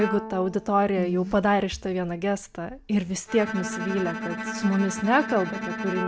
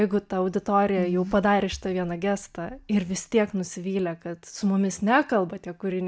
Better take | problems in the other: second | background sound (Bowed string instrument); 9 dB below the speech

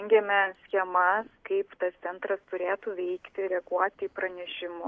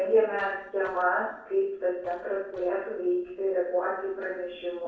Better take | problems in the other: first | noise reduction (neural separator model SepFormer DNS4)

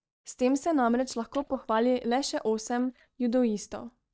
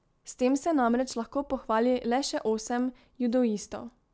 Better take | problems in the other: second | noise reduction (neural mask model DeepFilterNet 3)

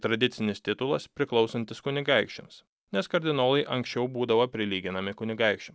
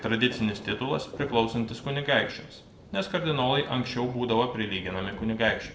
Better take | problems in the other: first | background sound (Thunder); 15 dB below the speech // room echo; dies away in 0.6 s

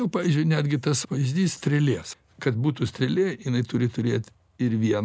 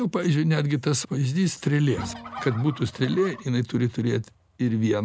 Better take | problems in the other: first | background sound (Bowed string instrument + Fowl); 15 dB below the speech

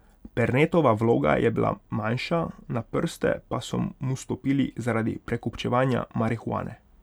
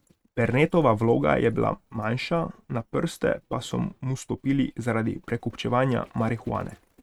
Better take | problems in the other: first | noise reduction (neural mask model RNNoise)

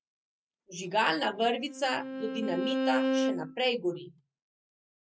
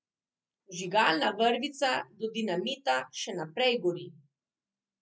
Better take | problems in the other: second | noise reduction (neural mask model RNNoise)

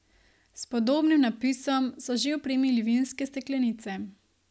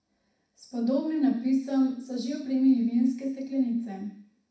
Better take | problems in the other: first | room echo; dies away in 0.6 s

